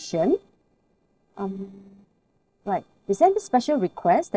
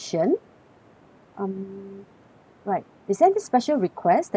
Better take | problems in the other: second | noise reduction (neural separator model SepFormer DNS4)

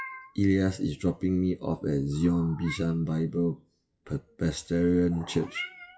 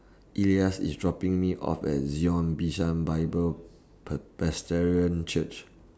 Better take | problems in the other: second | noise reduction (classical method WPE with log-MMSE)

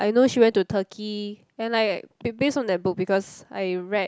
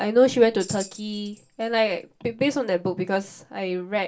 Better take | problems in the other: first | background sound (Tambourine); 19 dB below the speech // room echo; dies away in 0.2 s

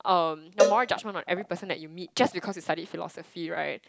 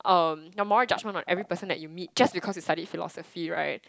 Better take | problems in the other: second | background sound (Cowbell); 1 dB below the speech

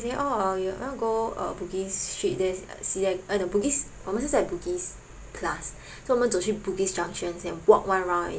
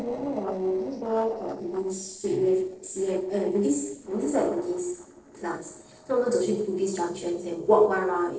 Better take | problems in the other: first | noise reduction (neural separator model SepFormer DNS4)

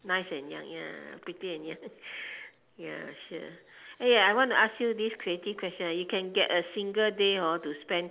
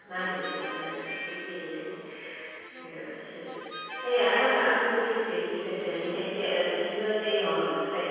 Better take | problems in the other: first | background sound (Harmonica); 12 dB below the speech // room echo; dies away in 2.2 s

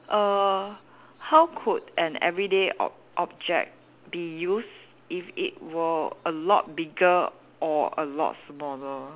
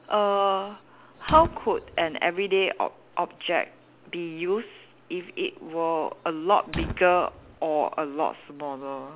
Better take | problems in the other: first | background sound (Fire); 16 dB below the speech

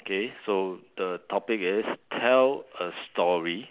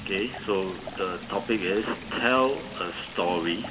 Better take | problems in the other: first | background sound (Stream); 12 dB below the speech // room echo; dies away in 1.3 s

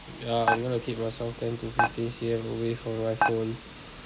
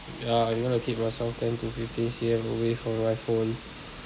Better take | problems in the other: second | background sound (Dishes, pots, and pans); 2 dB below the speech

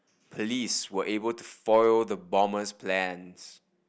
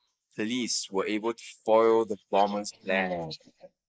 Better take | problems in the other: first | noise reduction (neural mask model Resemble Enhance denoiser)

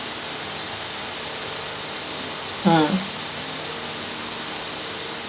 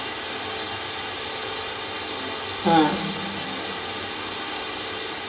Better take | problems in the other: first | background sound (Brass instrument); 20 dB below the speech // room echo; dies away in 2.3 s

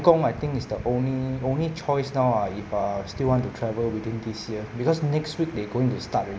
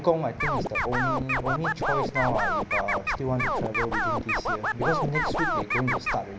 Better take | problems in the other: first | background sound (Scratching (performance technique)); 2 dB above the speech

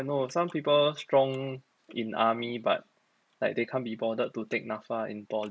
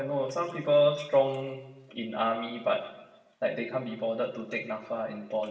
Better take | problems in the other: first | room echo; dies away in 1 s

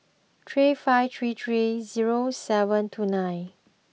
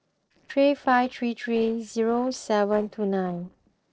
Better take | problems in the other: first | noise reduction (neural separator model SepFormer DNS4)

